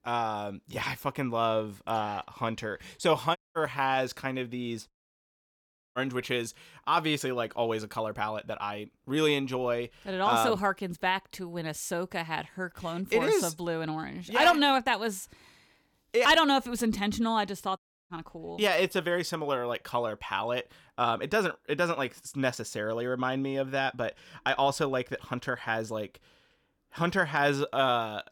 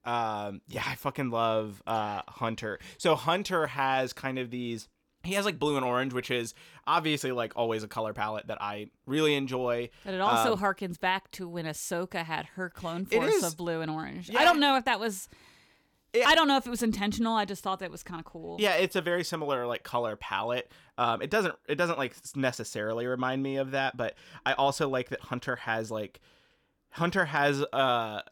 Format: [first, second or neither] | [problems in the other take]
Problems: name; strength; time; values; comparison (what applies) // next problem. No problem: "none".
second | audio cutting out; at 3.5 s, at 5 s for 1 s and at 18 s